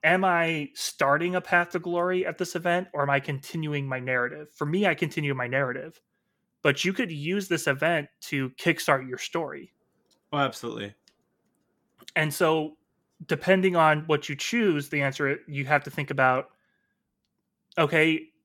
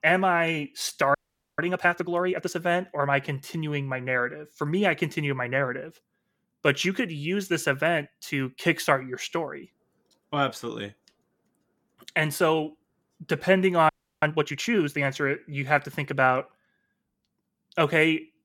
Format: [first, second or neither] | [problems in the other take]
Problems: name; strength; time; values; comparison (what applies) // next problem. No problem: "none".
first | audio freezing; at 1 s and at 14 s